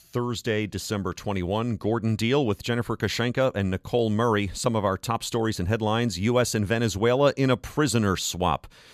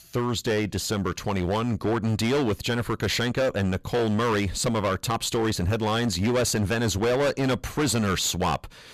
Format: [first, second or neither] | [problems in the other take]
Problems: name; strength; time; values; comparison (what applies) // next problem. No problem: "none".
first | distortion; heavy; 18% of the sound clipped